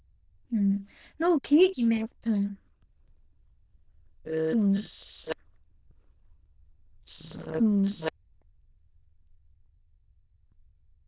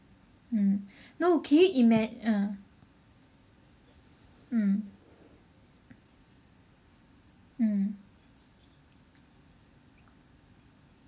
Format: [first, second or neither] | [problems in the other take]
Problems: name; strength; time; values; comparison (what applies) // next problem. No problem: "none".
second | noise reduction (neural diffusion model UNIVERSE++)